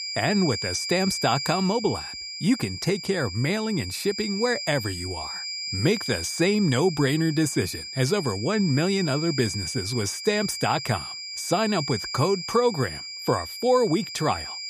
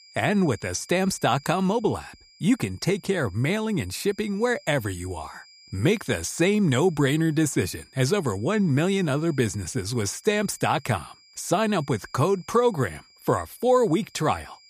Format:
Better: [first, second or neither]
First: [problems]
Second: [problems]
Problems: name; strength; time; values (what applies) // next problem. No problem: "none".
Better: second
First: high-pitched whine; loud; throughout; 5 kHz, 6 dB below the speech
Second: high-pitched whine; faint; throughout; 5 kHz, 25 dB below the speech